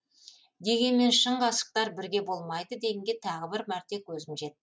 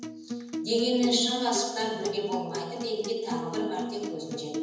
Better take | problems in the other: first | background sound (Acoustic guitar); 6 dB below the speech // room echo; dies away in 1.1 s

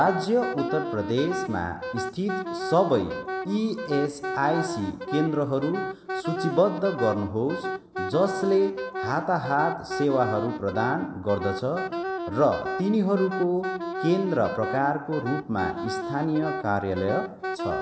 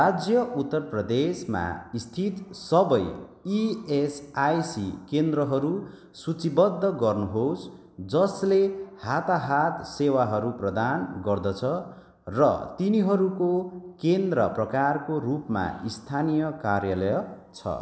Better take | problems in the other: second | background sound (Wind instrument, woodwind instrument); 6 dB below the speech

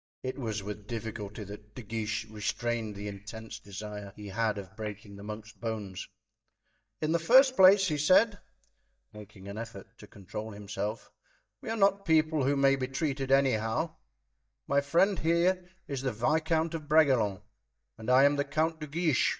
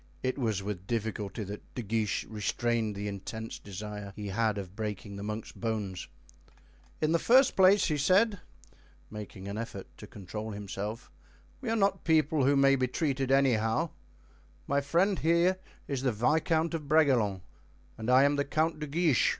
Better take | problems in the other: second | noise reduction (neural mask model DeepFilterNet 3)

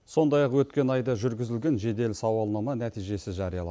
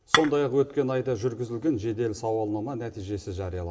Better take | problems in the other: first | background sound (Dishes, pots, and pans / Chink, clink); 1 dB above the speech // room echo; dies away in 2.2 s

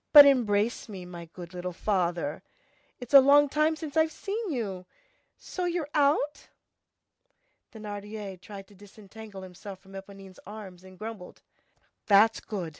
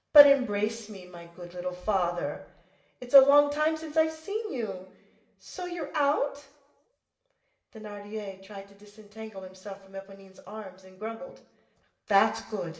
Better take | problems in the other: first | room echo; dies away in 0.8 s

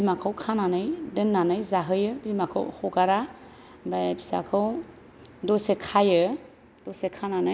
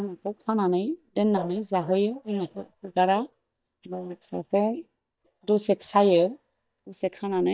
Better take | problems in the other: first | noise reduction (neural mask model DeepFilterNet 3)

